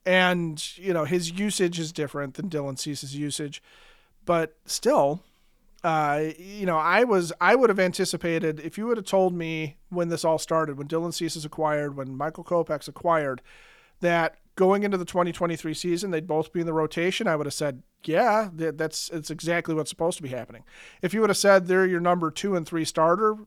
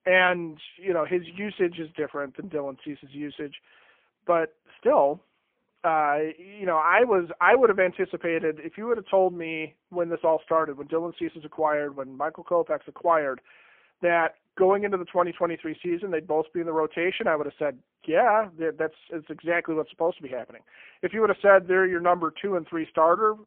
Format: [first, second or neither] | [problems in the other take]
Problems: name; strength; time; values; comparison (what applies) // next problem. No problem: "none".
first | phone-call audio; poor line; nothing above 3.5 kHz